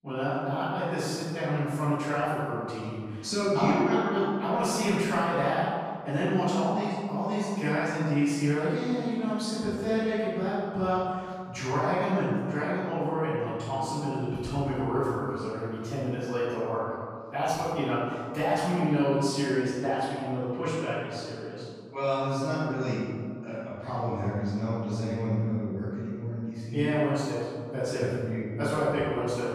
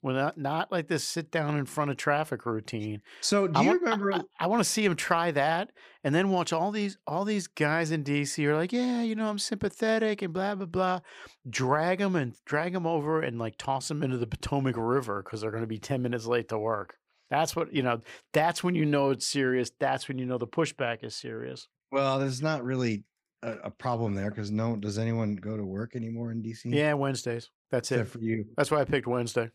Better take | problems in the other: second | off-mic speech; far // room echo; strong; dies away in 1.8 s

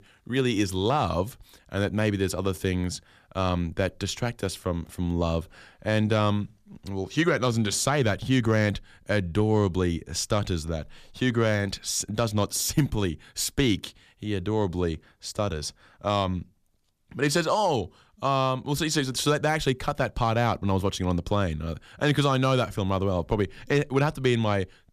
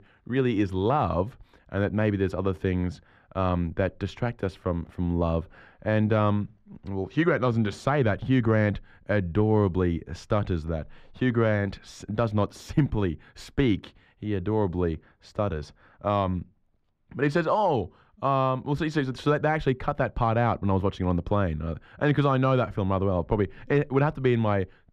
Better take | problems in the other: first | muffled; very; fading above 4 kHz

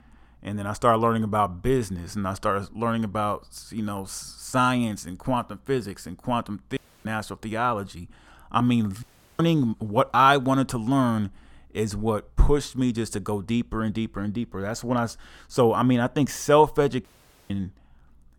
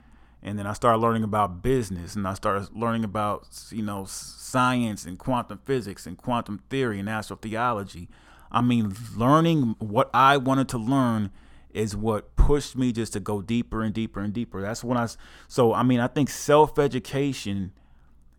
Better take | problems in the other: second | audio cutting out; at 7 s, at 9 s and at 17 s

